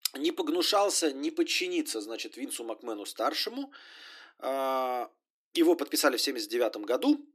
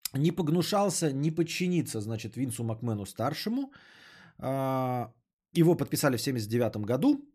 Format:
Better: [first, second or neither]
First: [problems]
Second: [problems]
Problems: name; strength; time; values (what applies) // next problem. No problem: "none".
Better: second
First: thin; somewhat; fading below 300 Hz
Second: none